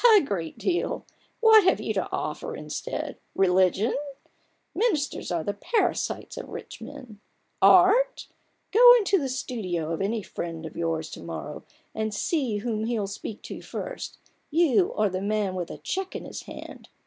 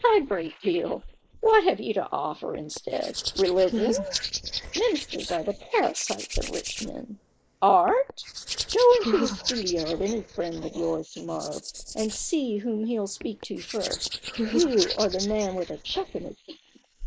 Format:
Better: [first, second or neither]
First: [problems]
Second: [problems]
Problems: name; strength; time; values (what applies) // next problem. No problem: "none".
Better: first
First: none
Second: noise reduction (neural mask model Resemble Enhance denoiser)